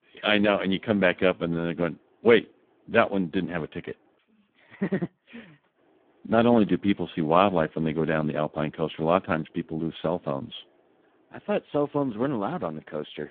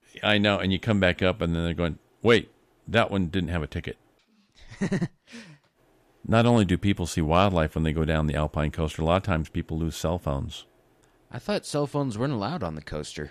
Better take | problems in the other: second | phone-call audio; poor line

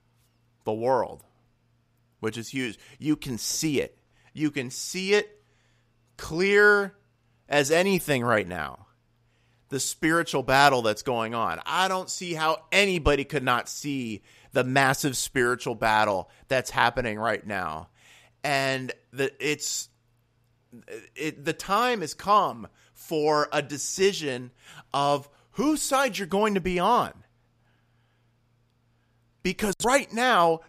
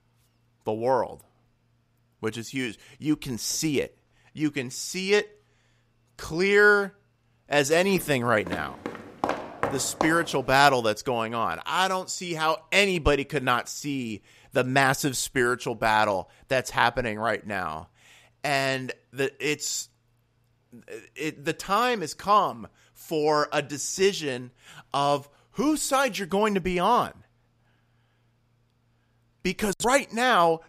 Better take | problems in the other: first | footsteps; noticeable; from 8 to 10 s; peak 5 dB below the speech

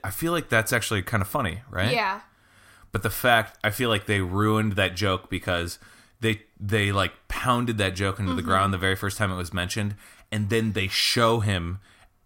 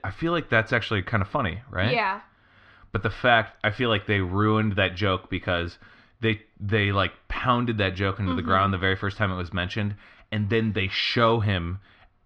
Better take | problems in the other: first | muffled; slightly; fading above 4 kHz

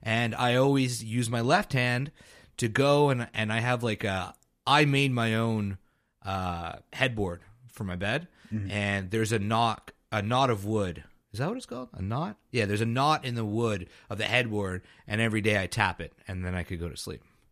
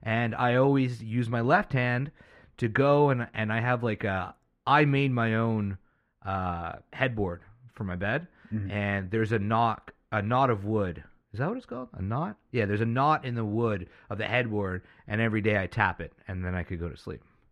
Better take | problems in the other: first | muffled; very; fading above 4 kHz

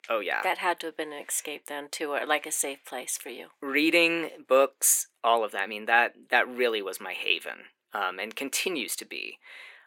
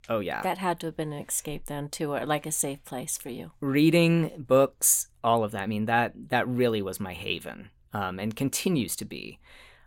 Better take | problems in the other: second | thin; somewhat; fading below 350 Hz

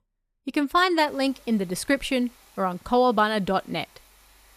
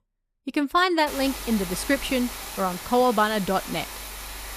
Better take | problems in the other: first | hiss; loud; from 1 s on; 10 dB below the speech; faint in the first

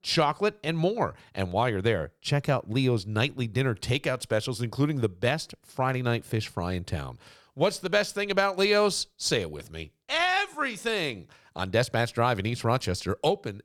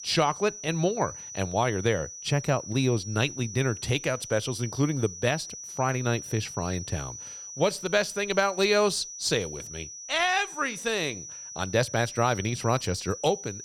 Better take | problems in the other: first | high-pitched whine; noticeable; throughout; 6 kHz, 10 dB below the speech

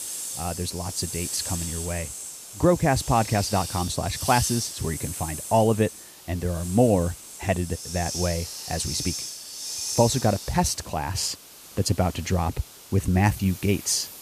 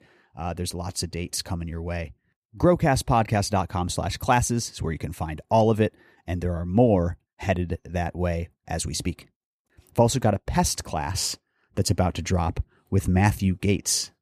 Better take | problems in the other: second | hiss; loud; throughout; 7 dB below the speech

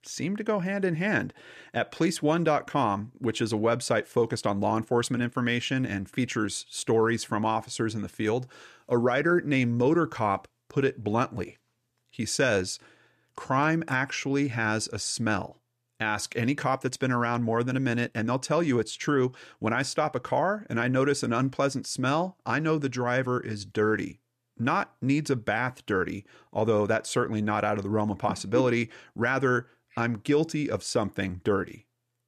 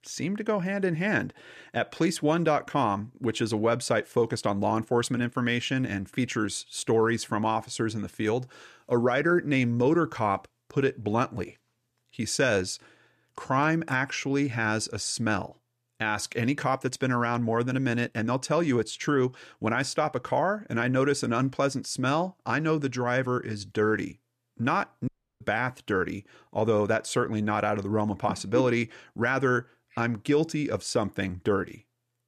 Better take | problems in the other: first | audio cutting out; at 25 s

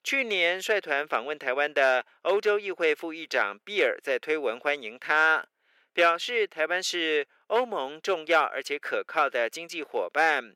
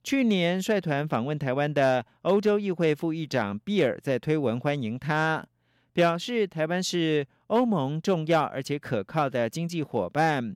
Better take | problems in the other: second | thin; very; fading below 400 Hz

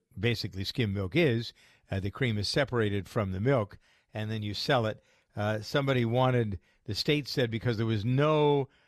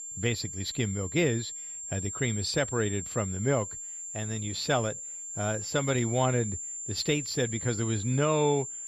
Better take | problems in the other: first | high-pitched whine; loud; throughout; 7.5 kHz, 6 dB below the speech

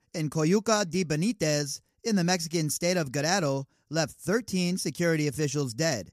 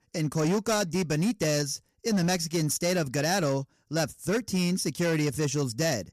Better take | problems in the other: first | distortion; slight; 12% of the sound clipped

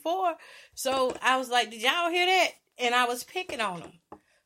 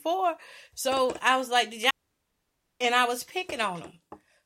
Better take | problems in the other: first | audio cutting out; at 2 s for 1 s

